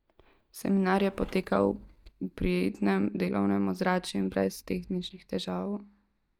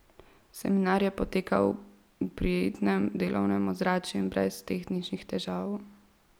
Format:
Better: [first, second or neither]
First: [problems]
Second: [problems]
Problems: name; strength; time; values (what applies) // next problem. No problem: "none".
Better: second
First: noise reduction (neural mask model DeepFilterNet 3)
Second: none